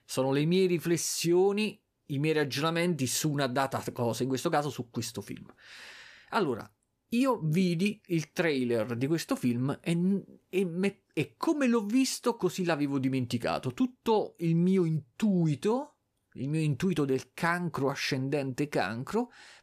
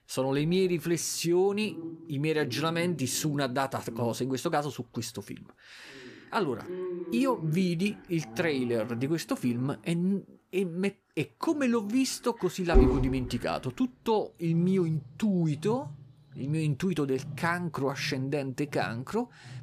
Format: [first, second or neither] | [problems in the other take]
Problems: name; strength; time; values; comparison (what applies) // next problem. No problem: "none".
first | animal sounds; loud; throughout; 7 dB below the speech